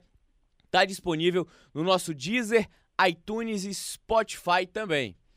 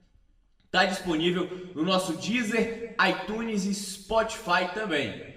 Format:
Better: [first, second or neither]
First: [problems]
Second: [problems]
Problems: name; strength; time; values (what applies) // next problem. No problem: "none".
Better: first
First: none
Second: room echo; slight; dies away in 0.9 s // off-mic speech; somewhat distant